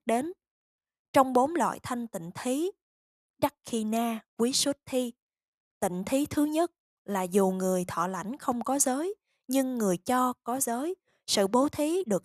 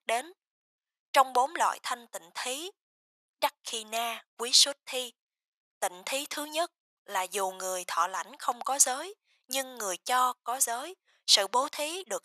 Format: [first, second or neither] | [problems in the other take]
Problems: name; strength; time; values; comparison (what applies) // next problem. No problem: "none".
first | thin; very; fading below 850 Hz